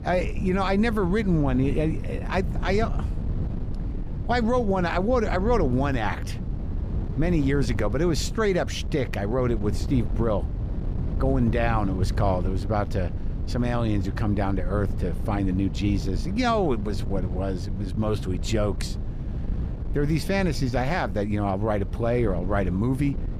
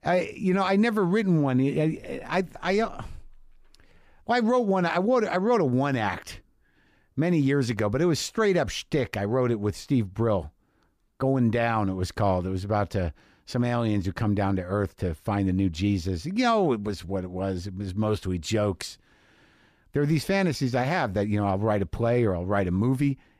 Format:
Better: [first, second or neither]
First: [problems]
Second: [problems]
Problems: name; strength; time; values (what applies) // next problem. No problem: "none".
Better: second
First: wind noise on the microphone; occasional gusts; 15 dB below the speech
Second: none